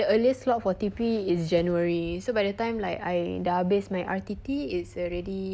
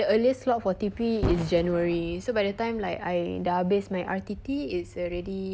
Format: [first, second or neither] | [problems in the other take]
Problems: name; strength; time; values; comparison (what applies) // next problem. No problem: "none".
first | background sound (Boom); 11 dB below the speech